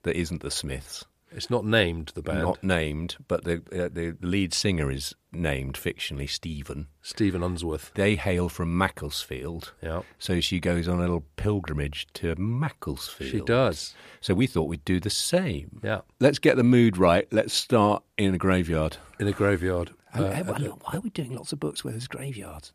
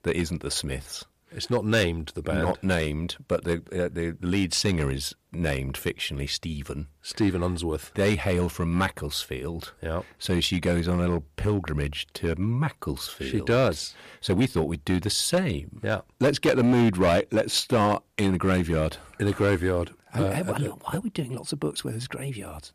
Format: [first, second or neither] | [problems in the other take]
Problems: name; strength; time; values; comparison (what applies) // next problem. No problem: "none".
first | distortion; slight; 3% of the sound clipped